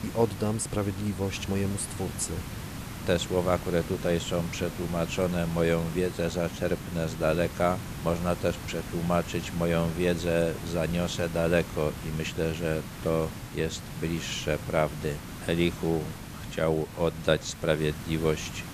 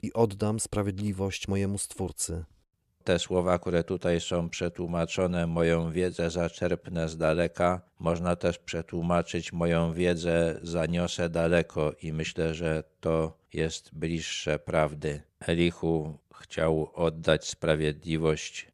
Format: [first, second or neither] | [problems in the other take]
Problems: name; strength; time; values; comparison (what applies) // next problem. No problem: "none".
second | hiss; loud; throughout; 10 dB below the speech